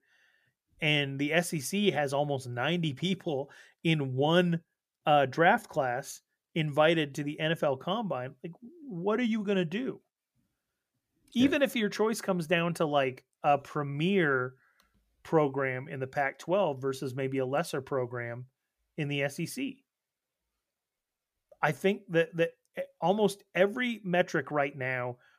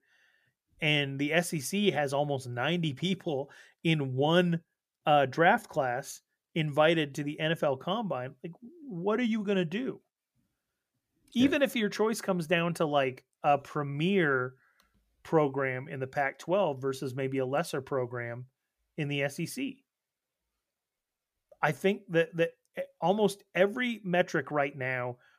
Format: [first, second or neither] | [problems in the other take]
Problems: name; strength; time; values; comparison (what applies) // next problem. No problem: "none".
neither | none